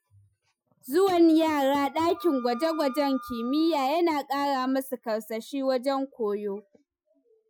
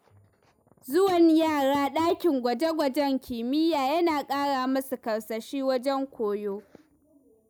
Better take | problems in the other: second | noise reduction (classical method Wiener filter)

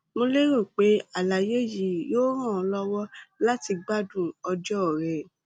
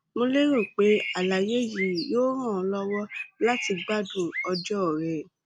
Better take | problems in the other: first | background sound (Bird); 10 dB below the speech

